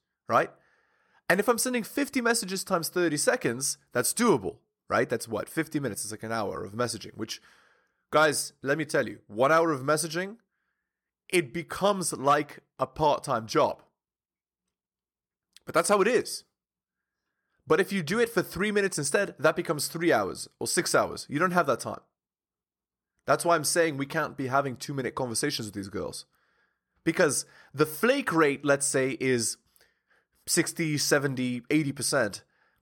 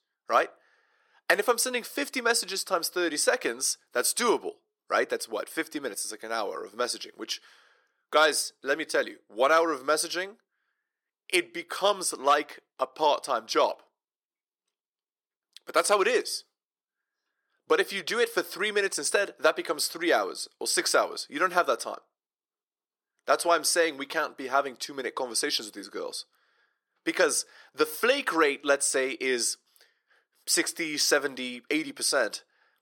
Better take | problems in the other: first | thin; somewhat; fading below 350 Hz

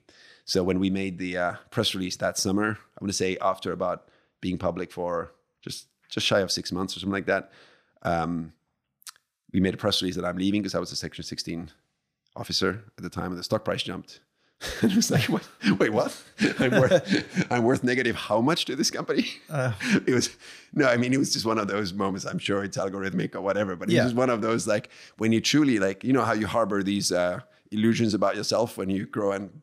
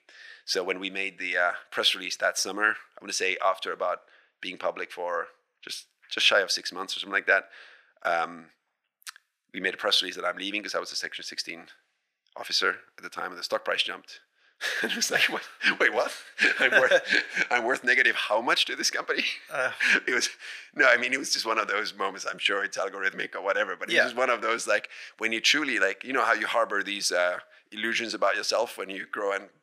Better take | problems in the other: first | thin; very; fading below 600 Hz

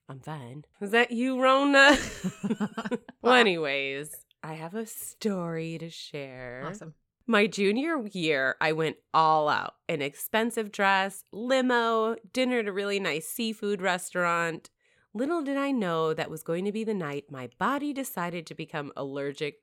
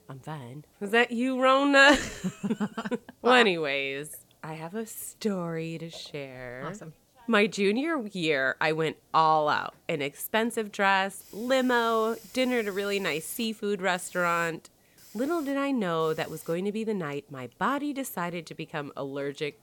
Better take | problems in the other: first | hiss; faint; throughout; 25 dB below the speech

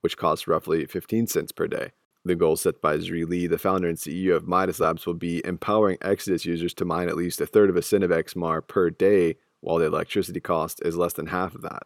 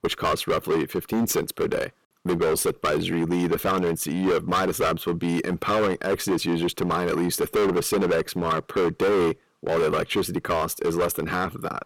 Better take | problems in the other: first | distortion; heavy; 17% of the sound clipped

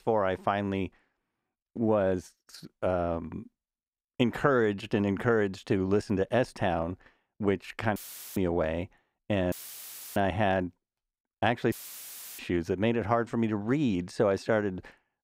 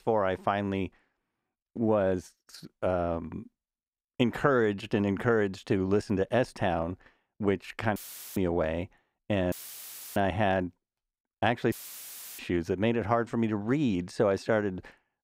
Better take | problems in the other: neither | audio cutting out; filled with static; at 8 s, at 9.5 s for 0.5 s and at 12 s for 0.5 s; the same in both

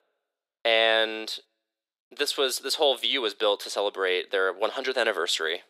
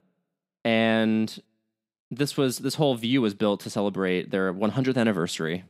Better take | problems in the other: second | thin; very; fading below 400 Hz

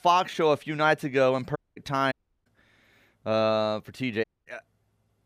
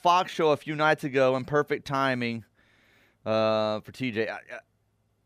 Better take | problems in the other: second | audio cutting out; at 1.5 s, at 2 s and at 4 s

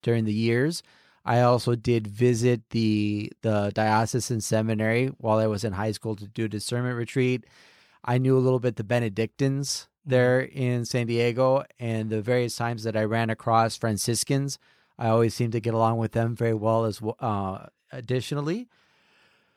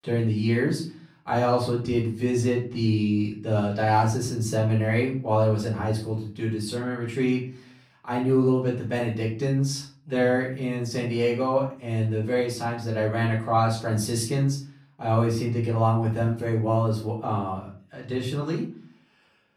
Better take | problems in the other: first | off-mic speech; far // room echo; slight; dies away in 0.4 s

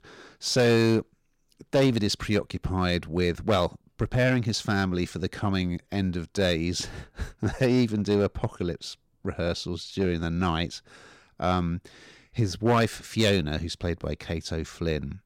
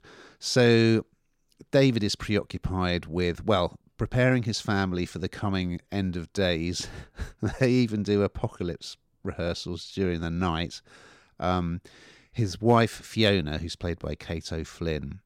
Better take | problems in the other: second | distortion; slight; 4% of the sound clipped

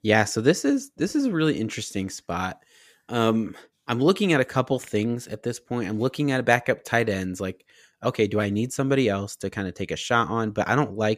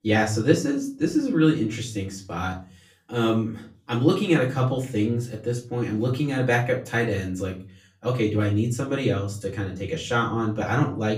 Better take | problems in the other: first | off-mic speech; far // room echo; slight; dies away in 0.4 s

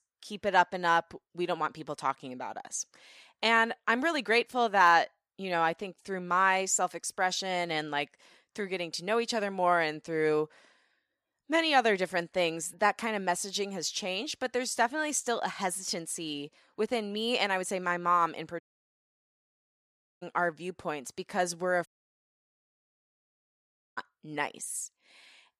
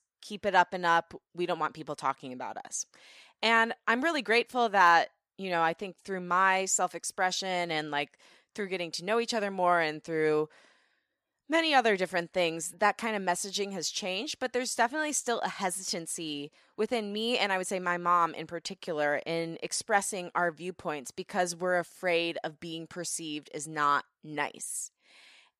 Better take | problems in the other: second | audio cutting out; at 19 s for 1.5 s and at 22 s for 2 s

